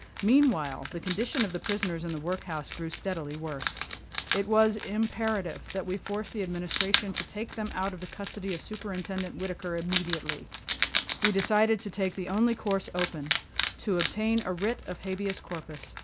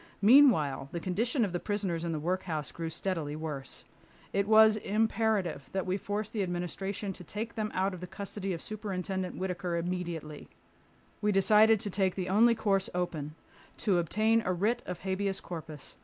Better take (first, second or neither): second